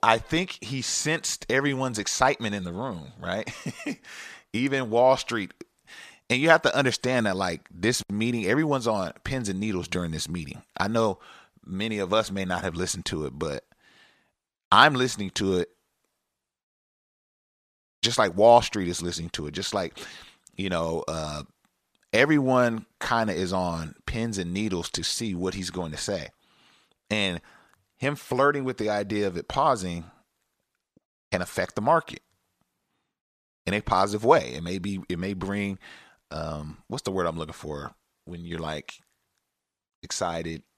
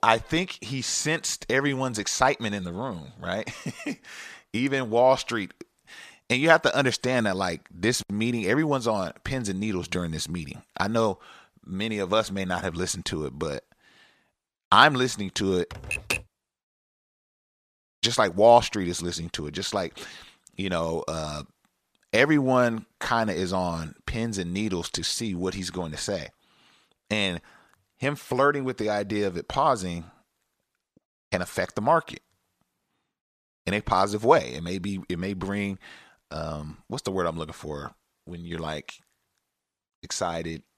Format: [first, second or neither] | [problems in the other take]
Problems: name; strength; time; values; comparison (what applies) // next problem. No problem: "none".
first | keyboard typing; noticeable; at 16 s; peak 2 dB below the speech